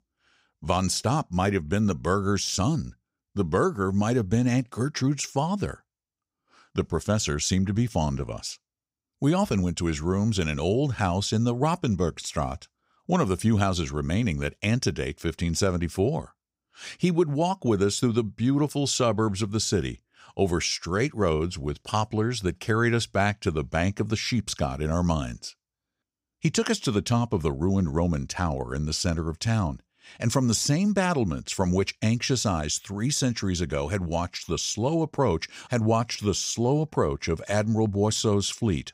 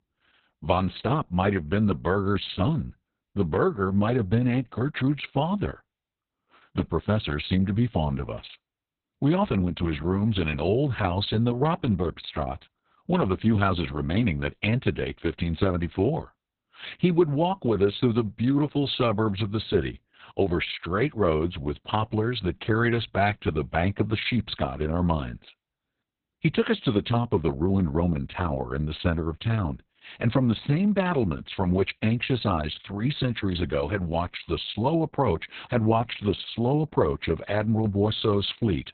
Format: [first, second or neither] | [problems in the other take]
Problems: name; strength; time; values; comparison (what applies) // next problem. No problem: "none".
first | garbled, watery; badly; nothing above 4 kHz